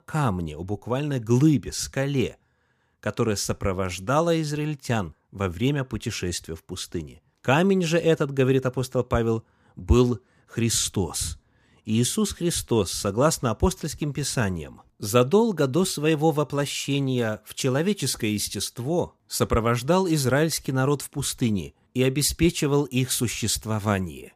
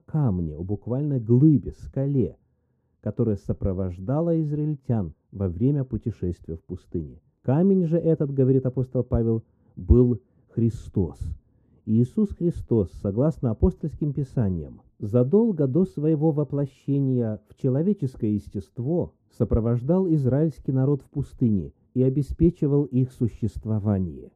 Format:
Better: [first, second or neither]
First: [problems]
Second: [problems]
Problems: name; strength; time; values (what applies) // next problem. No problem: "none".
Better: first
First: none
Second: muffled; very; fading above 1 kHz